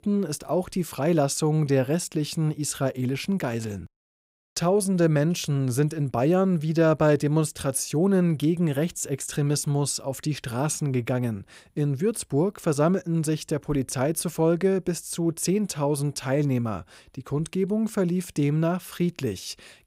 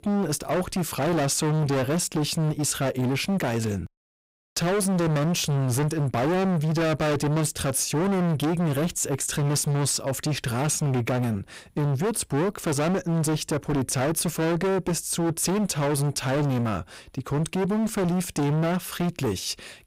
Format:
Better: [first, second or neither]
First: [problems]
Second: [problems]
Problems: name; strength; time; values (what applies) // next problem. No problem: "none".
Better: first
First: none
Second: distortion; heavy; 33% of the sound clipped